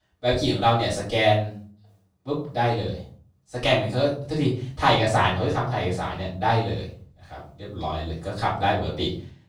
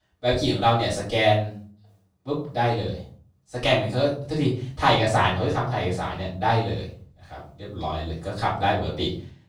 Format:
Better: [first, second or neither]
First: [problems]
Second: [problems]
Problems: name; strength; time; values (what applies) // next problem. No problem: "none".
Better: neither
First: off-mic speech; far // room echo; noticeable; dies away in 0.4 s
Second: off-mic speech; far // room echo; noticeable; dies away in 0.4 s